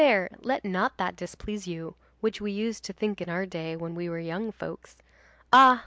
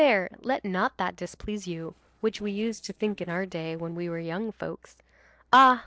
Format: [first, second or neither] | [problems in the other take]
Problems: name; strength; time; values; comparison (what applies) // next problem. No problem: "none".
first | noise reduction (neural separator model SepFormer DNS4)